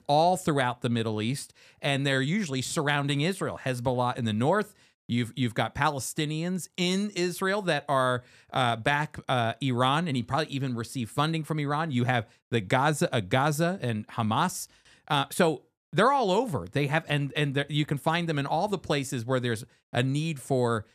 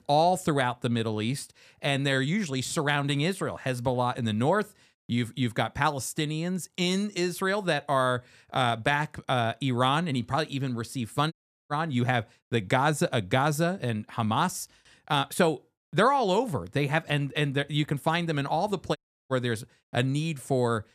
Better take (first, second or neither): first